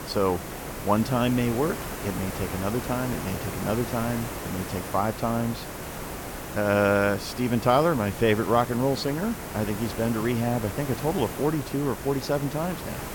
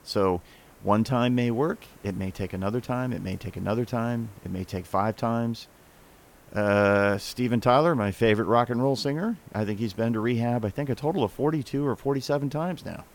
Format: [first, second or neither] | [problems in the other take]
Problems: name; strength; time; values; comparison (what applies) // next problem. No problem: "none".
second | hiss; loud; throughout; 8 dB below the speech; faint in the second